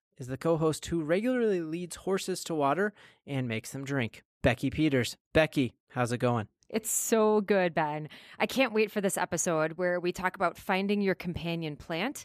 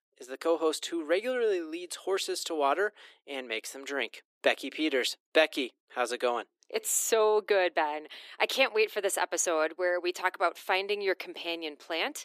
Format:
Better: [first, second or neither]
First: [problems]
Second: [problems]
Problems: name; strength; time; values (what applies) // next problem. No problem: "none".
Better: first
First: none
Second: thin; very; fading below 300 Hz